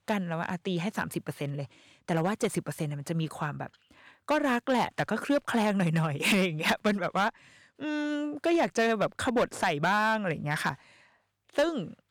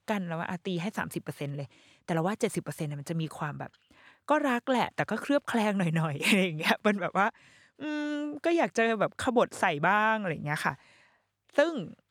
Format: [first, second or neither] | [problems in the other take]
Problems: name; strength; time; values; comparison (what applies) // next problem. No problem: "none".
second | distortion; slight; 4% of the sound clipped